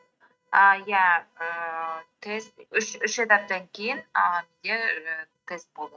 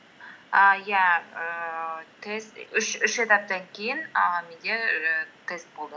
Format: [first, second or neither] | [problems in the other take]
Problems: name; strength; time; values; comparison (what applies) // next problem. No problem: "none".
second | noise reduction (neural mask model RNNoise)